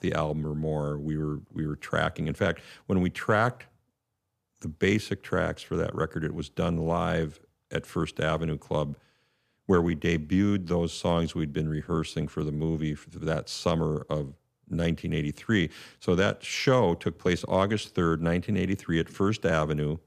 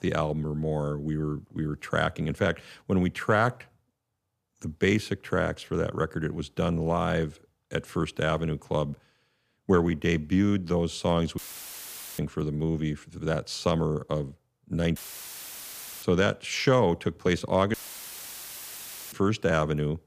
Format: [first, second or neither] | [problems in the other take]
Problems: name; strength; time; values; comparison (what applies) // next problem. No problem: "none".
first | audio cutting out; filled with static; at 11 s for 1 s, at 15 s for 1 s and at 18 s for 1.5 s